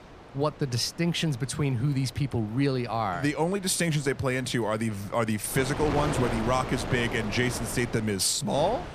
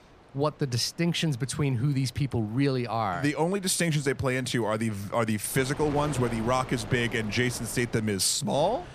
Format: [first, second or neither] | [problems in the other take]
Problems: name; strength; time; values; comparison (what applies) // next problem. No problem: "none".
second | wind noise on the microphone; heavy; 7 dB below the speech; occasional gusts in the second